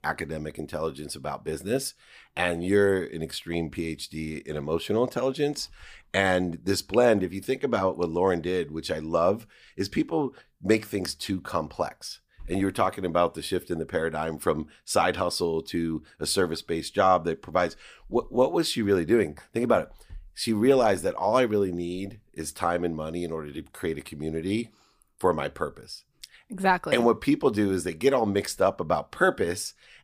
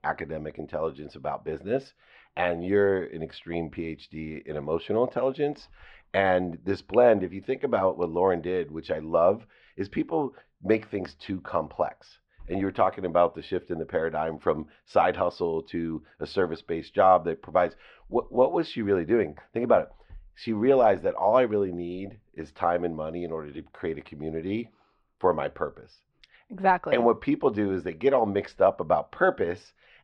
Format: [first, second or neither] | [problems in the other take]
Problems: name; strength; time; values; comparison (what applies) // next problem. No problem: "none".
first | muffled; very; fading above 3 kHz